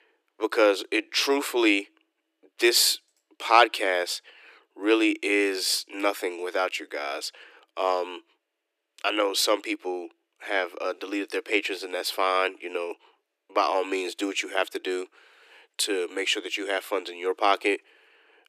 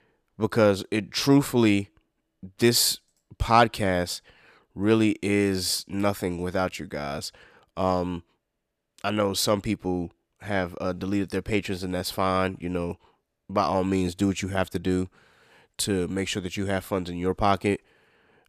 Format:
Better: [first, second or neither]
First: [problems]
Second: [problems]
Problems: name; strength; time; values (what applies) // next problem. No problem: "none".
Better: second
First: thin; very; fading below 300 Hz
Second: none